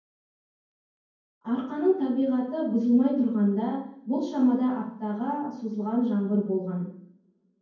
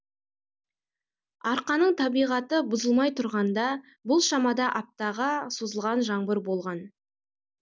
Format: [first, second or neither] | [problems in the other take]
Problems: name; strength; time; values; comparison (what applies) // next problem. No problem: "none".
second | room echo; dies away in 0.9 s